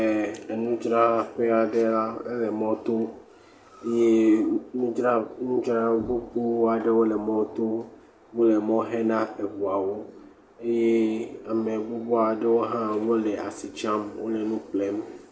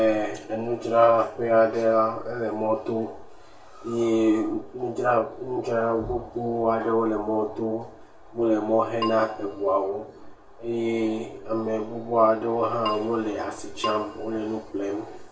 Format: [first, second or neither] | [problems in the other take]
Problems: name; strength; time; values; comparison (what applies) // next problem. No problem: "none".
first | background sound (Keyboard (musical)); 11 dB below the speech // room echo; dies away in 0.2 s